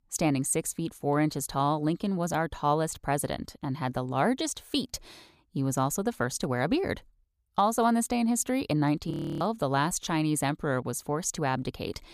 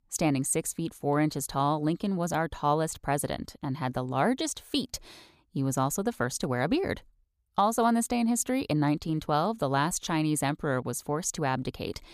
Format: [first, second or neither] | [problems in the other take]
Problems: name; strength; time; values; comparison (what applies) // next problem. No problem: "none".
second | audio freezing; at 9 s